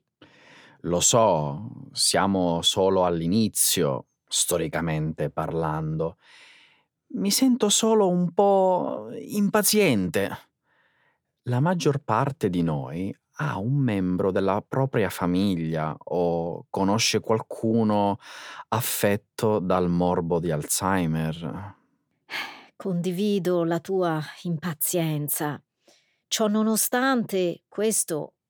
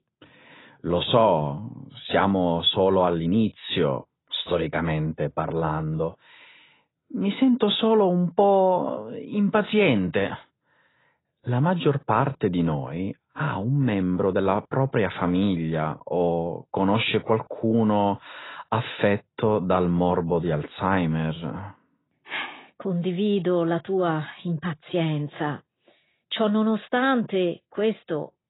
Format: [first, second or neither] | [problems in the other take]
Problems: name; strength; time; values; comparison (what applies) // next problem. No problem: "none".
first | garbled, watery; badly; nothing above 4 kHz